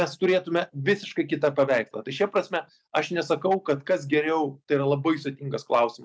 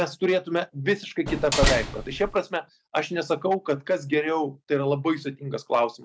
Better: first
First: none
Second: background sound (Slam); as loud as the speech

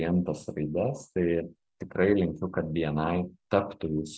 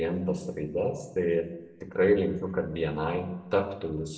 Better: first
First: none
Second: room echo; dies away in 0.7 s

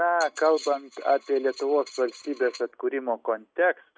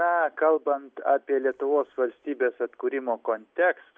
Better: second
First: noise reduction (neural mask model RNNoise)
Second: none

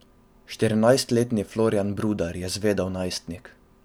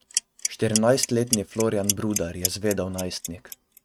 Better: first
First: none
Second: noise reduction (neural mask model RNNoise)

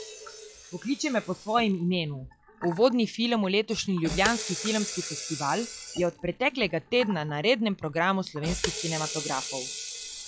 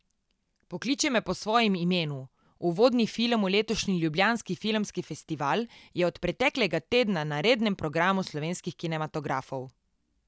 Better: second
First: noise reduction (classical method log-MMSE)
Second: none

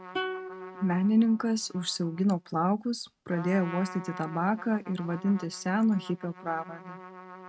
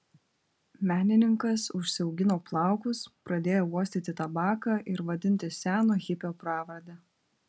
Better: second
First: noise reduction (neural mask model RNNoise)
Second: none

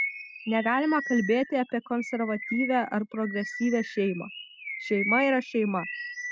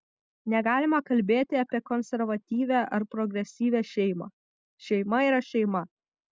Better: second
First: background sound (Bird vocalization, bird call, bird song); 8 dB below the speech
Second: none

